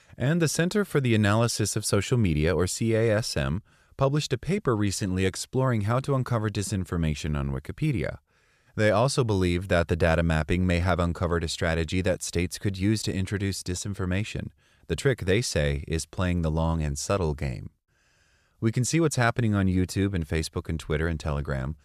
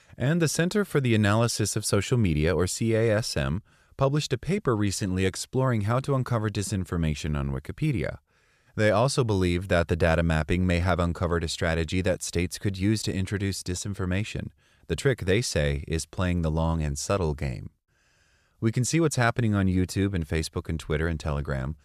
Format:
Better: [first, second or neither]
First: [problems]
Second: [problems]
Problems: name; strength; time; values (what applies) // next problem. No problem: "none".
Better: neither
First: none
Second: none